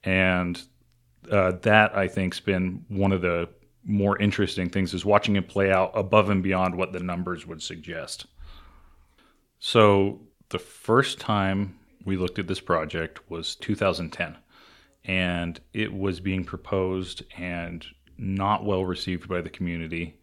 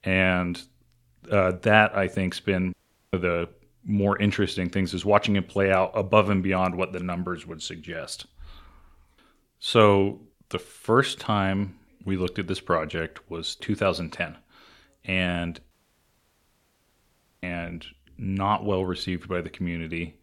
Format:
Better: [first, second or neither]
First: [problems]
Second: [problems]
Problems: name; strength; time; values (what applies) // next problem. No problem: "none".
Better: first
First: none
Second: audio cutting out; at 2.5 s and at 16 s for 1.5 s